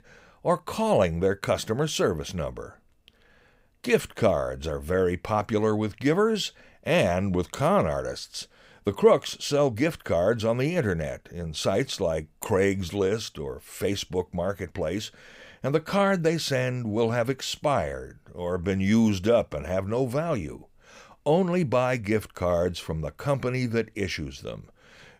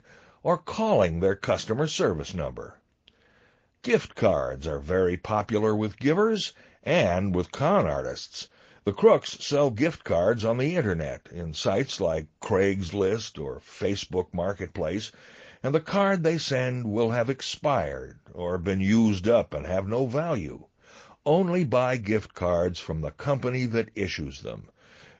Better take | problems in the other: first | garbled, watery; slightly; nothing above 7 kHz

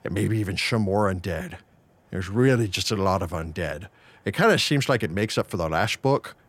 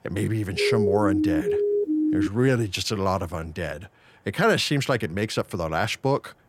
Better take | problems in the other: first | siren; loud; from 0.5 to 2.5 s; peak 2 dB above the speech

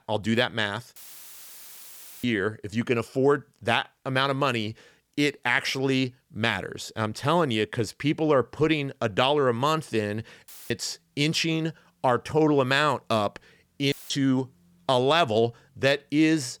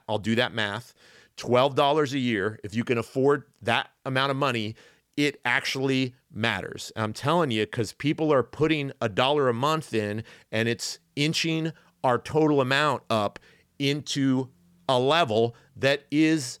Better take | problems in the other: second | audio cutting out; filled with static; at 1 s for 1.5 s, at 10 s and at 14 s

